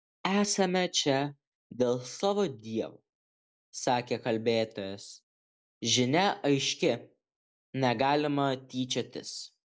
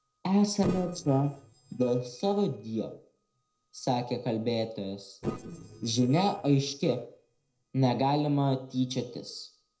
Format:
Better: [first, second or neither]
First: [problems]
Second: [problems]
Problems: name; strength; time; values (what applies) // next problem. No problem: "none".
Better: first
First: none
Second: noise reduction (neural separator model SepFormer DNS4)